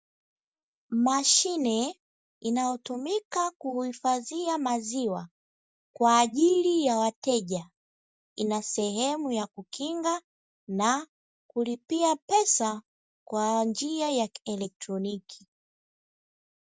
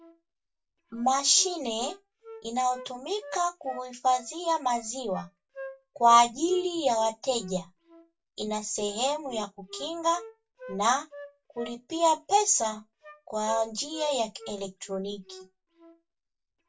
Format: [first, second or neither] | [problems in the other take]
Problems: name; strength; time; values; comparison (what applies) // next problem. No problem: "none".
first | background sound (Wind instrument, woodwind instrument); 19 dB below the speech // room echo; dies away in 0.1 s